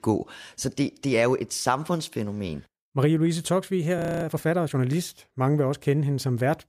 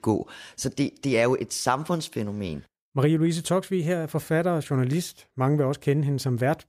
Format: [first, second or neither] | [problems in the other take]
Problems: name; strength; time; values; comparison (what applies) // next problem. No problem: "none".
second | audio freezing; at 4 s